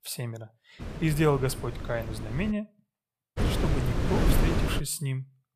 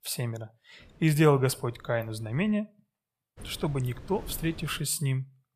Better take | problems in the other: second | wind noise on the microphone; heavy; from 1 to 2.5 s and from 3.5 to 5 s; 3 dB below the speech; occasional gusts in the second

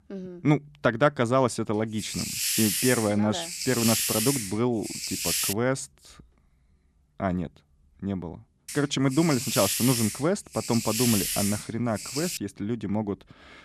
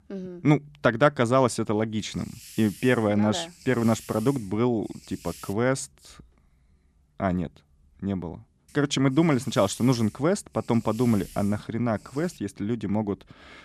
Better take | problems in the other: second | hiss; loud; from 1.5 to 5.5 s and from 8.5 to 12 s; 1 dB below the speech; faint in the second

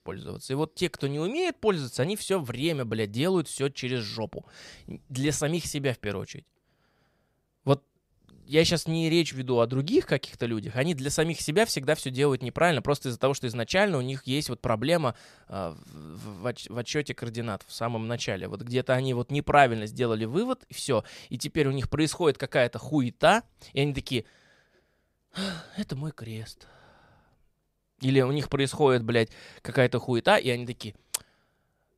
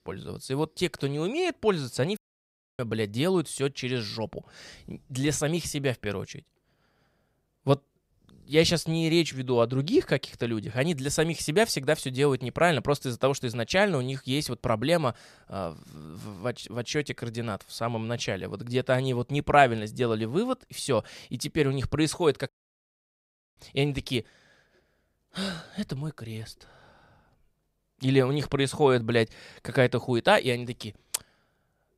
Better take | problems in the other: first | audio cutting out; at 2 s for 0.5 s and at 22 s for 1 s

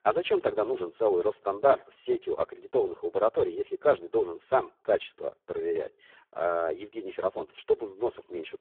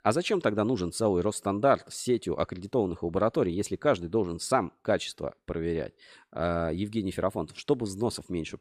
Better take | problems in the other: second | phone-call audio; poor line

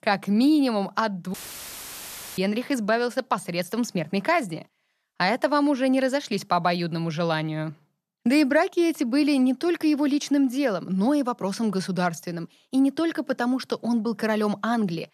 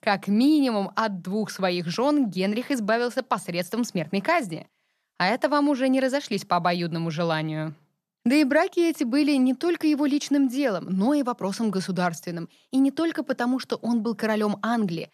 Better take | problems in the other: second | audio cutting out; filled with static; at 1.5 s for 1 s

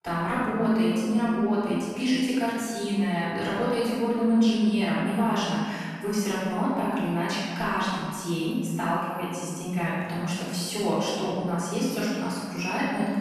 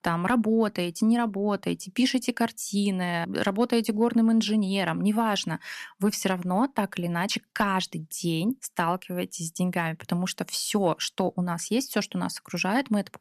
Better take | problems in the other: second | off-mic speech; far // room echo; strong; dies away in 1.7 s

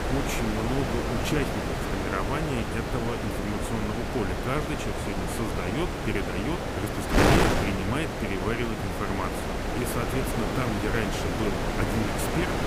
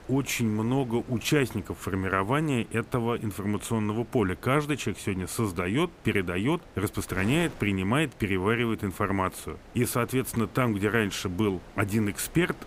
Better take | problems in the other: second | wind noise on the microphone; heavy; 3 dB above the speech; occasional gusts in the second

